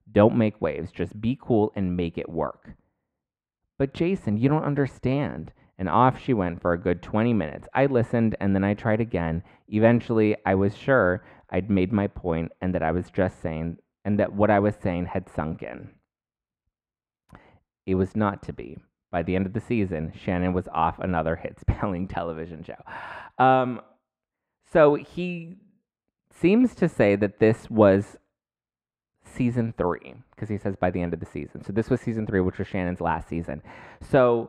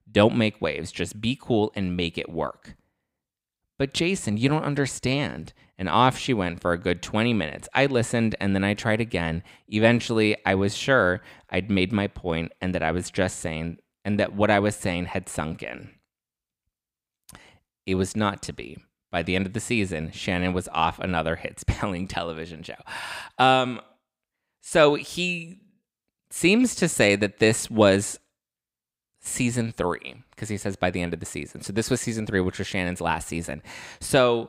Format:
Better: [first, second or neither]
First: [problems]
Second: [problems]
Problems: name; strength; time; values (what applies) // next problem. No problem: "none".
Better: second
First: muffled; very; fading above 3 kHz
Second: none